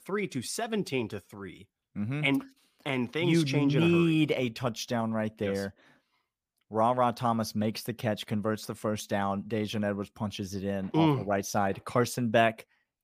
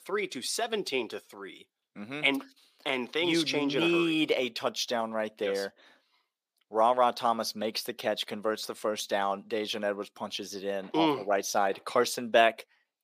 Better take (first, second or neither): first